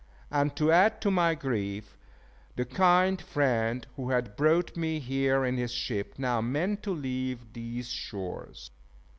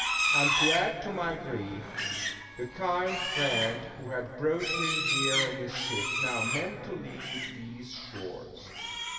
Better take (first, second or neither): first